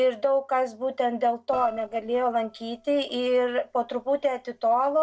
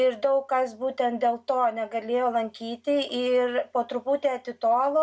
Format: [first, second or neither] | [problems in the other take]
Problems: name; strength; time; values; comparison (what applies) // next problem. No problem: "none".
second | noise reduction (neural separator model SepFormer DNS4)